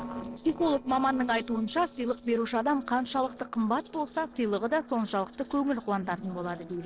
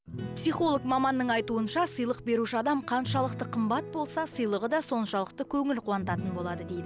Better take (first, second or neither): second